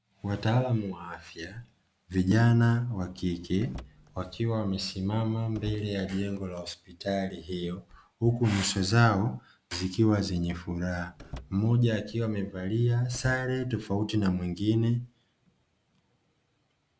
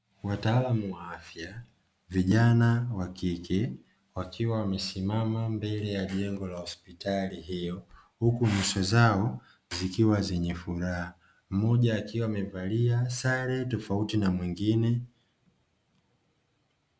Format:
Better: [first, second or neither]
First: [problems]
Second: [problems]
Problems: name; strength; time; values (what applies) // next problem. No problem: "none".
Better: second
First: background sound (Car); 18 dB below the speech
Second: none